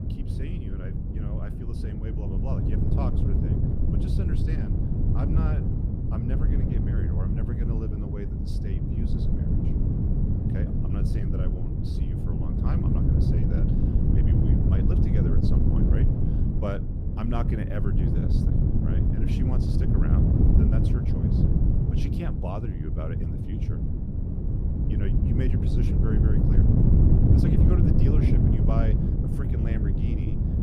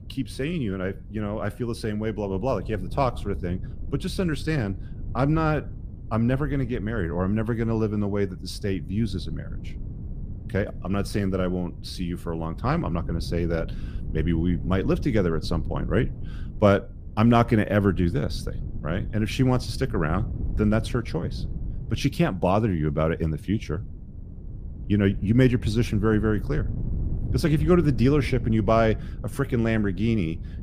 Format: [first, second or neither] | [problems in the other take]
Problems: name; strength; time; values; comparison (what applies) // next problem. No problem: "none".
second | wind noise on the microphone; heavy; 5 dB above the speech; occasional gusts in the second